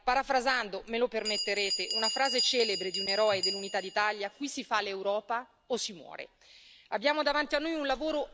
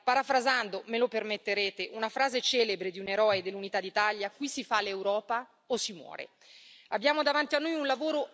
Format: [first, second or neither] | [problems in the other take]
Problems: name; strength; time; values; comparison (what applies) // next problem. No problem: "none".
second | background sound (Bell); 7 dB below the speech